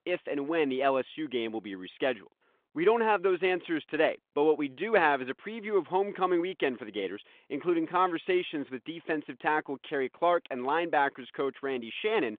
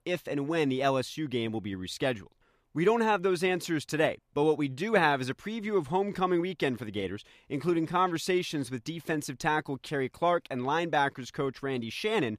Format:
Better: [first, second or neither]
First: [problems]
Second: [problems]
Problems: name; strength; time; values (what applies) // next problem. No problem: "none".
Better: second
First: phone-call audio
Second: none